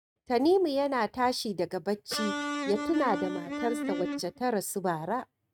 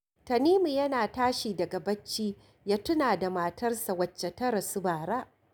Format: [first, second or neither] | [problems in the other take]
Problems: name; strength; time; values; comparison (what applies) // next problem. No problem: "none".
second | noise reduction (neural mask model RNNoise)